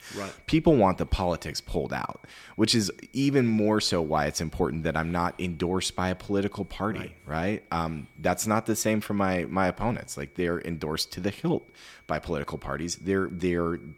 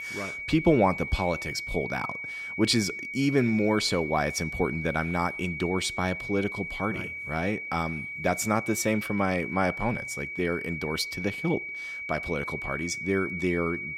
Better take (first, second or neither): first